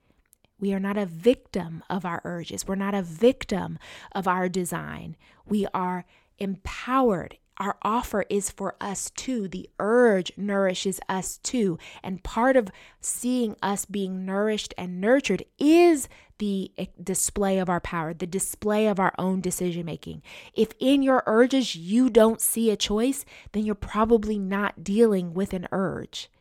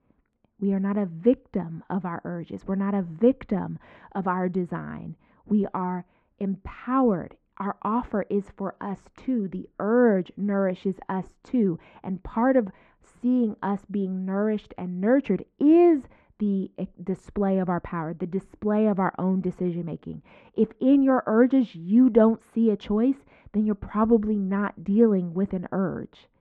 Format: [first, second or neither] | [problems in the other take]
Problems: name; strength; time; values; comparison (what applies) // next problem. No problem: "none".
first | muffled; very; fading above 1.5 kHz